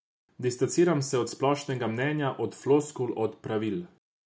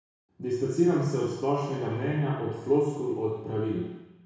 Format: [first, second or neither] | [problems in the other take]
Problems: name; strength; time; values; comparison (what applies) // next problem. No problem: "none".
first | room echo; dies away in 1.1 s